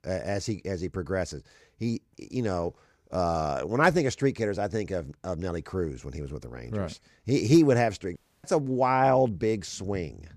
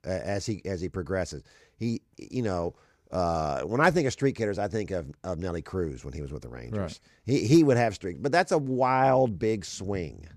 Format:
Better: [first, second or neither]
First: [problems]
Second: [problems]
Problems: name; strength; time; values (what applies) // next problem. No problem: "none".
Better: second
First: audio cutting out; at 8 s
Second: none